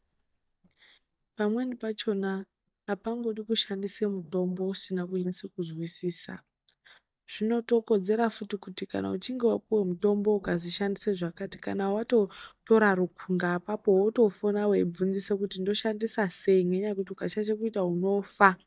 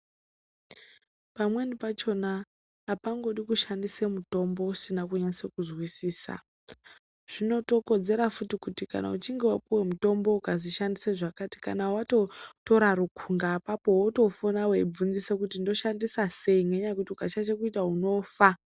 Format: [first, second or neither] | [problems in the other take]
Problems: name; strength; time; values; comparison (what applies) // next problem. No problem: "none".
second | noise reduction (neural mask model DeepFilterNet 3)